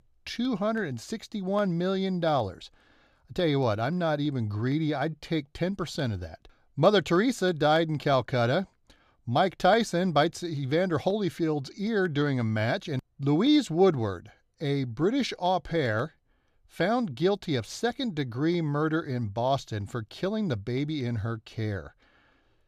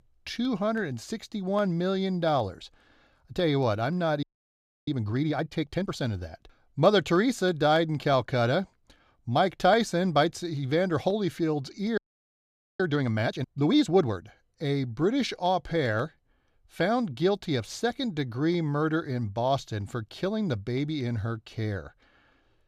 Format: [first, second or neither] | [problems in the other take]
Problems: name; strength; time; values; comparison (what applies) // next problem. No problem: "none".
first | audio freezing; at 4 s for 0.5 s and at 12 s for 1 s